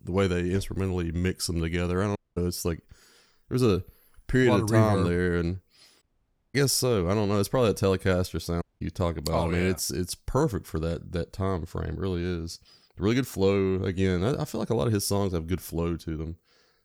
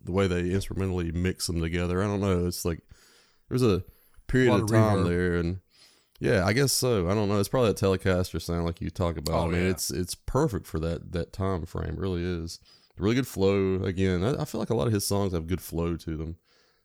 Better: second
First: audio cutting out; at 2 s, at 6 s for 0.5 s and at 8.5 s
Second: none

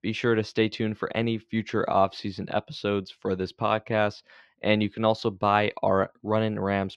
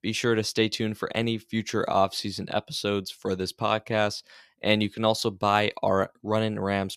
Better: second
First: muffled; slightly; fading above 3 kHz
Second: none

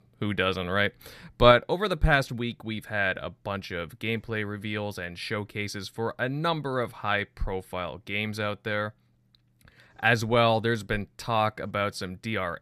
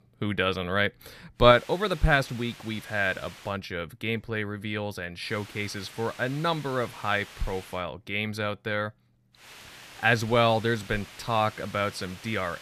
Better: first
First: none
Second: hiss; noticeable; from 1.5 to 3.5 s, from 5.5 to 8 s and from 9.5 s on; 20 dB below the speech

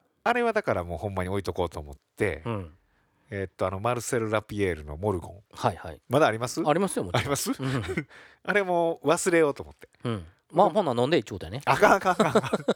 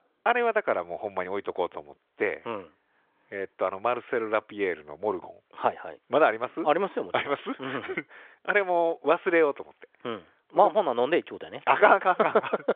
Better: first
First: none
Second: phone-call audio

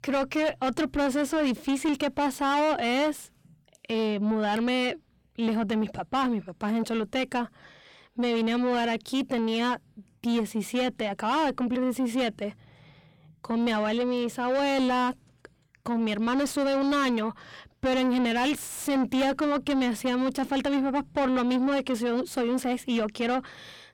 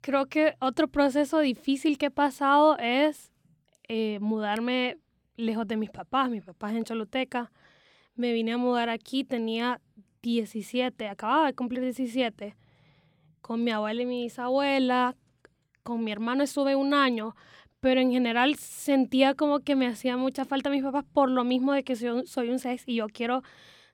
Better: second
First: distortion; heavy; 7 dB below the speech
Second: none

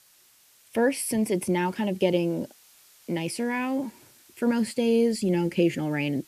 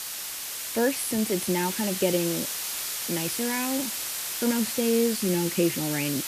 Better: first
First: hiss; faint; throughout; 30 dB below the speech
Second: hiss; loud; throughout; 2 dB below the speech

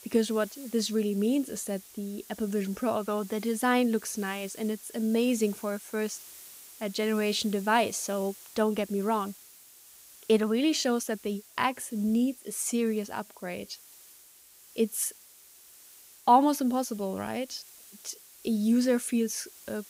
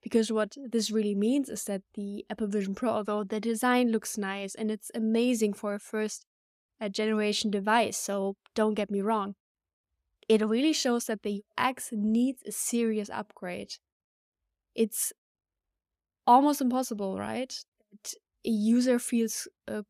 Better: second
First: hiss; noticeable; throughout; 20 dB below the speech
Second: none

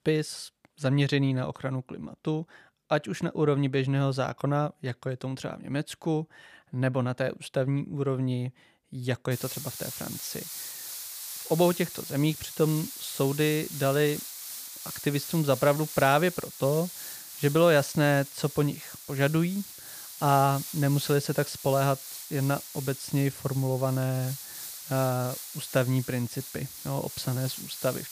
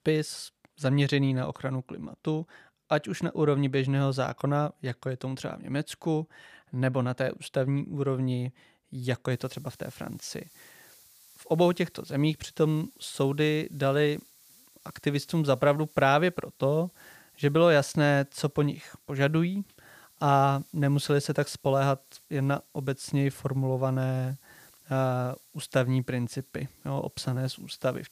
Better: second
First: hiss; loud; from 9.5 s on; 10 dB below the speech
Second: hiss; faint; from 9.5 s on; 25 dB below the speech

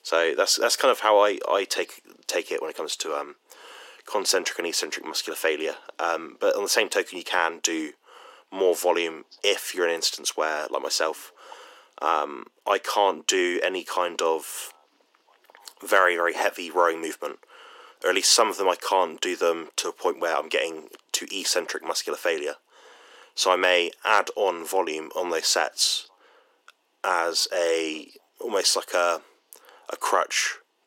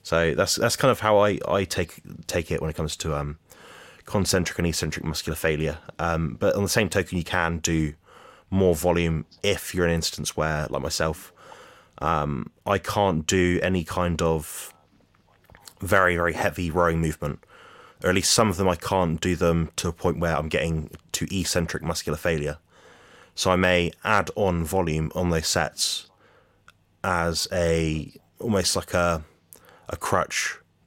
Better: second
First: thin; very; fading below 300 Hz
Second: none

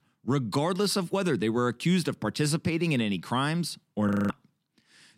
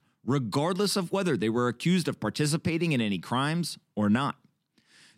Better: second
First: audio freezing; at 4 s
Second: none

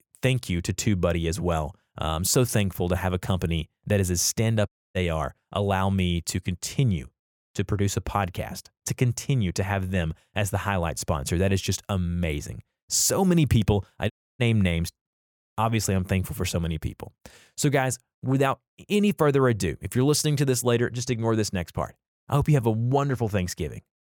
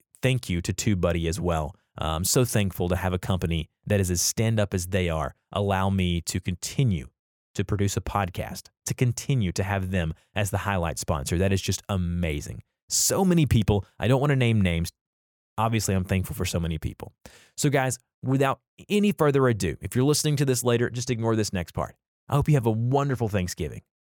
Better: second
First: audio cutting out; at 4.5 s and at 14 s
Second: none

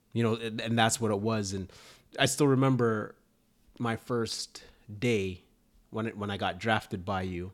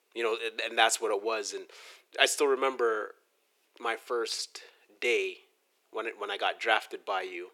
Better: first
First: none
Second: thin; very; fading below 350 Hz

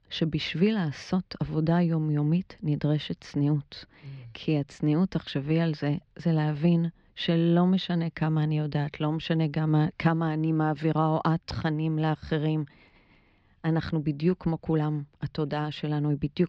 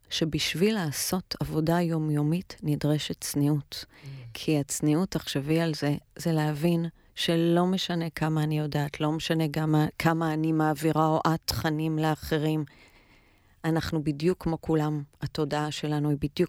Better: second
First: muffled; very slightly; fading above 4 kHz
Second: none

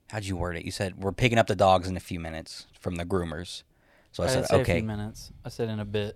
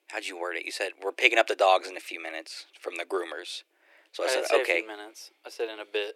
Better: first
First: none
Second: thin; very; fading below 300 Hz

